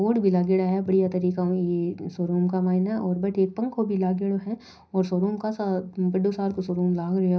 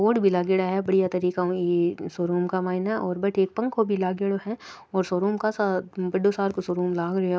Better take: second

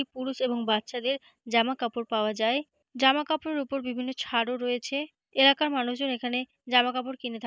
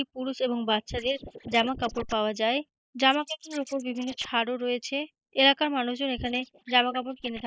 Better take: first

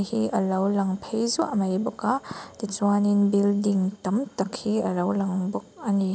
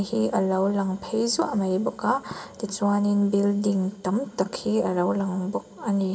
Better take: first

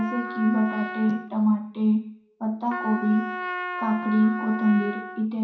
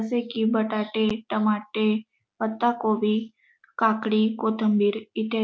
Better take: second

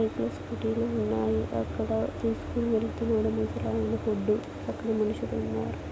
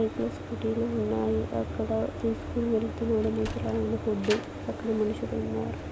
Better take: first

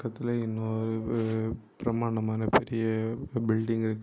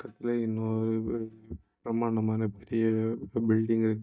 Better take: first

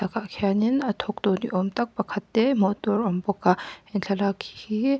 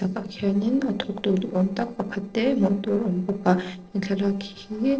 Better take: first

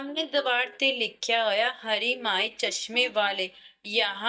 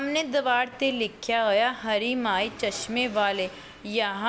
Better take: second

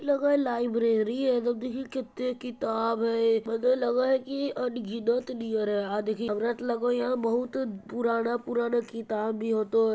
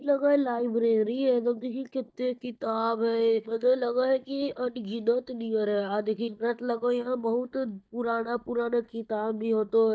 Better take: first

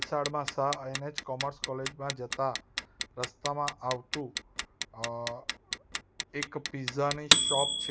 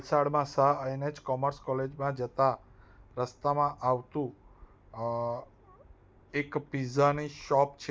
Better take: second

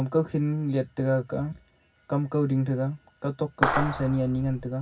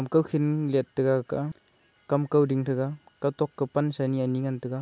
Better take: second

